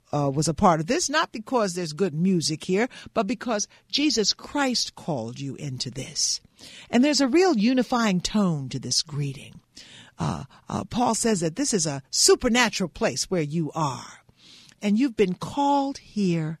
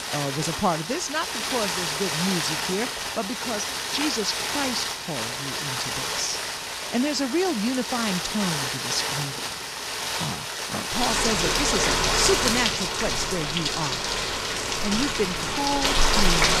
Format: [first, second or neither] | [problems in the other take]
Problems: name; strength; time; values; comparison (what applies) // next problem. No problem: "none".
first | rain or running water; very loud; throughout; 3 dB above the speech